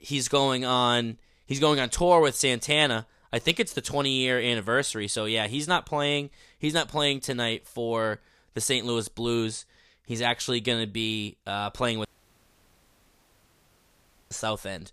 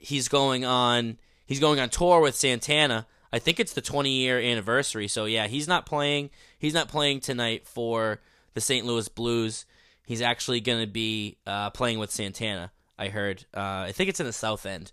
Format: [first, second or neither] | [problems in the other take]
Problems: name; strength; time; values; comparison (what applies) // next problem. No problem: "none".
second | audio cutting out; at 12 s for 2.5 s